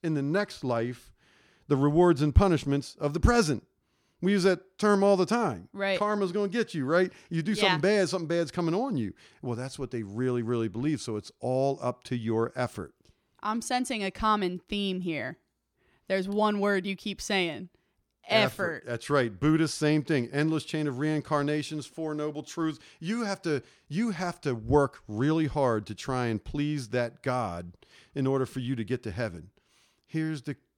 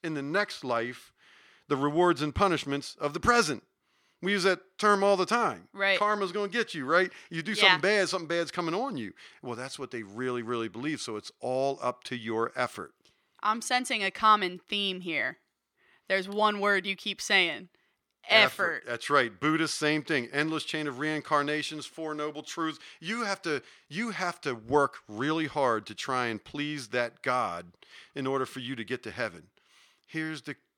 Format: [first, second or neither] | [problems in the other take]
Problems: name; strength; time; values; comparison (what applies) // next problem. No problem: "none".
first | thin; somewhat; fading below 900 Hz